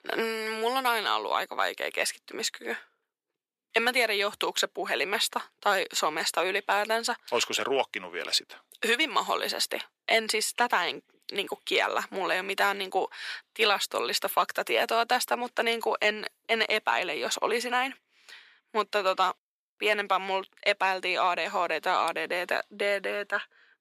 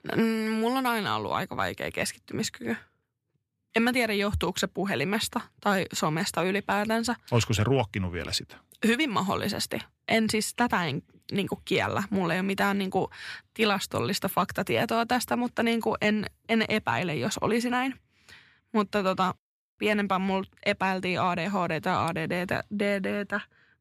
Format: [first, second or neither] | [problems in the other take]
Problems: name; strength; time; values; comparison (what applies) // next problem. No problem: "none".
second | thin; very; fading below 400 Hz